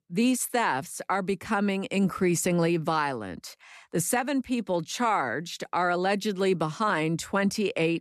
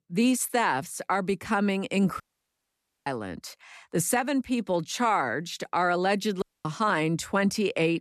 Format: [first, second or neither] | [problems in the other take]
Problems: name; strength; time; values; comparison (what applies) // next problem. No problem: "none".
first | audio cutting out; at 2 s for 1 s and at 6.5 s